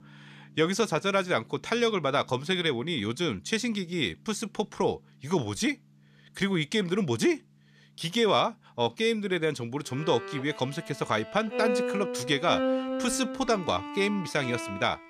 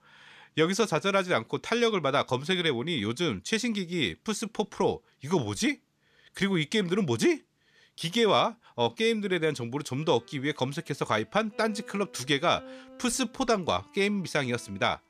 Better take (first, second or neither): second